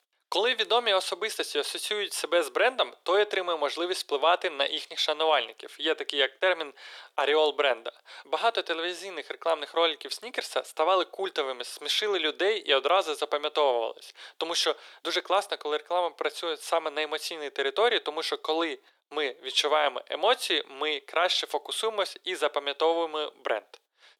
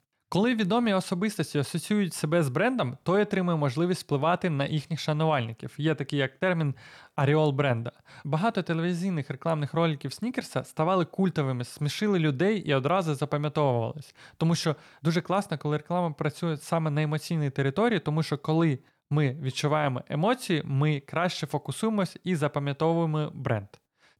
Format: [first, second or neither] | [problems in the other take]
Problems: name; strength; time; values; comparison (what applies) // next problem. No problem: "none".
second | thin; very; fading below 400 Hz